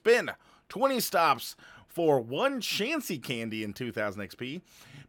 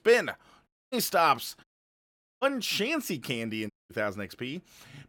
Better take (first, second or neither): first